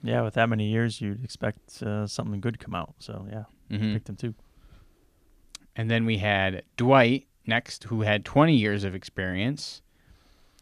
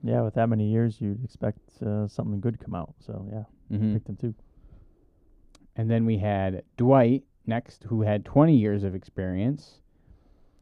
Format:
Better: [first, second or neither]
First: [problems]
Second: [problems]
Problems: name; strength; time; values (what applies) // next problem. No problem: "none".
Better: first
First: none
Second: muffled; very; fading above 1 kHz